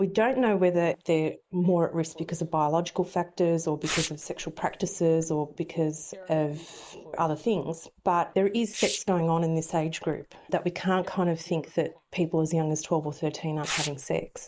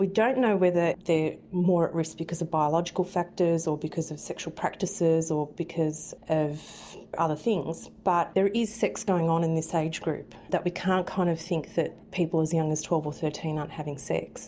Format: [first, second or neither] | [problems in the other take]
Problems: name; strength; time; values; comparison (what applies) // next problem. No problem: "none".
second | noise reduction (neural mask model Resemble Enhance denoiser)